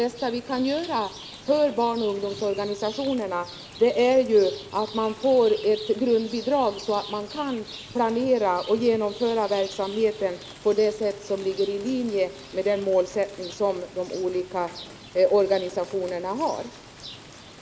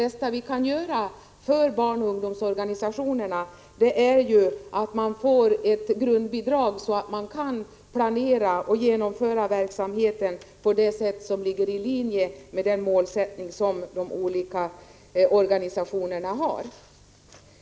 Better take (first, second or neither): second